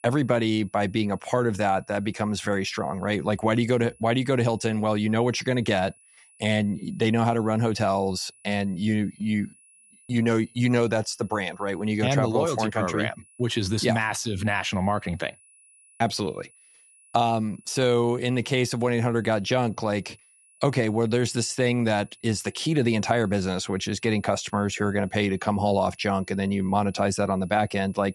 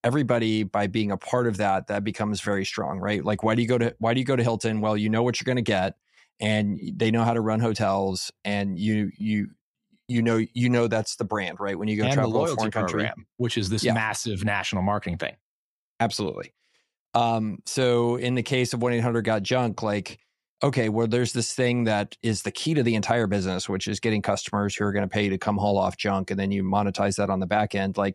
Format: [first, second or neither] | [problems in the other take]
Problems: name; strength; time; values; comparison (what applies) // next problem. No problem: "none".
second | high-pitched whine; faint; throughout; 10.5 kHz, 30 dB below the speech